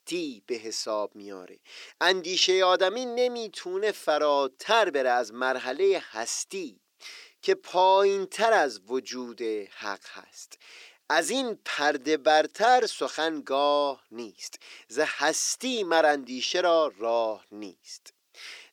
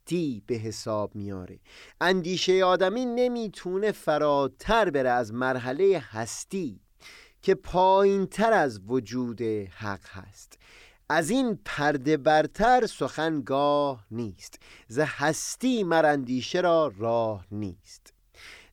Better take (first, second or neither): second